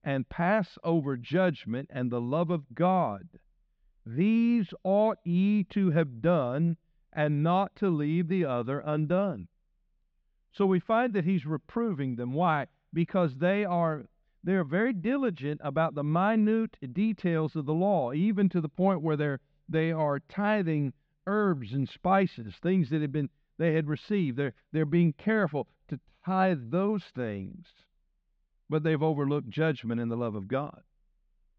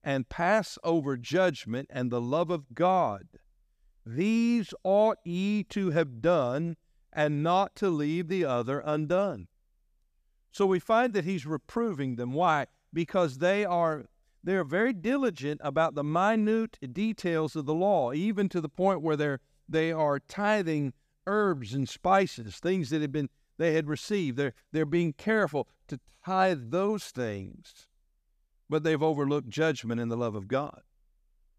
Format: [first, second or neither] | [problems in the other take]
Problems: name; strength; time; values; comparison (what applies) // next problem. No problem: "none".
second | muffled; slightly; fading above 3.5 kHz